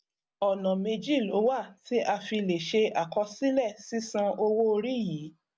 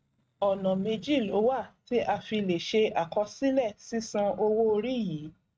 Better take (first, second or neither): first